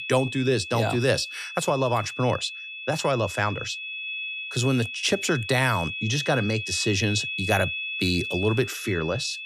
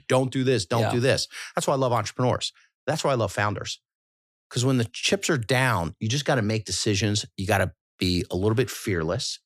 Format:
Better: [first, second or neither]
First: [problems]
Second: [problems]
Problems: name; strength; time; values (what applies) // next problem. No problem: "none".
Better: second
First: high-pitched whine; loud; throughout; 2.5 kHz, 6 dB below the speech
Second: none